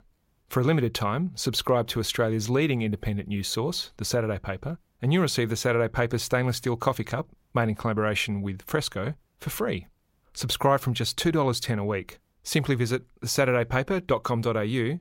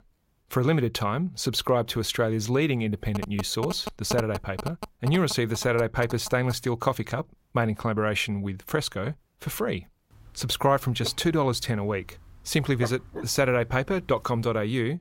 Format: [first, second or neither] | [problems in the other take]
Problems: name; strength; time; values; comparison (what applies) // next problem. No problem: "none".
first | phone ringing; noticeable; from 3 to 6.5 s; peak 7 dB below the speech // dog barking; noticeable; from 11 to 14 s; peak 9 dB below the speech